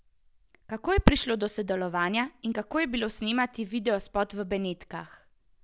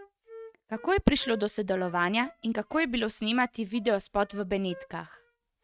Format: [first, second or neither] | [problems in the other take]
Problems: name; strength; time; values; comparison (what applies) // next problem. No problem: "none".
first | noise reduction (neural mask model RNNoise)